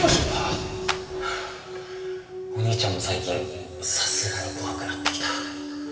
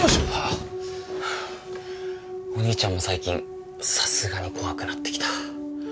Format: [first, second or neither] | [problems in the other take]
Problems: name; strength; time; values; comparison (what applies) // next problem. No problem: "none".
second | background sound (Clapping); 4 dB below the speech // room echo; dies away in 2.4 s